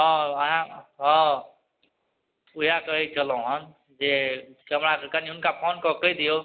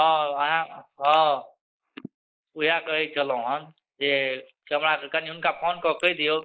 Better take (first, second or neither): first